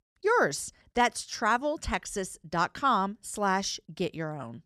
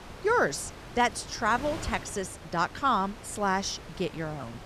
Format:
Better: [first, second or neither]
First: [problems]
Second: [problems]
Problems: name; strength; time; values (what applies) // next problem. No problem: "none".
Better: first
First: none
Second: wind noise on the microphone; occasional gusts; 15 dB below the speech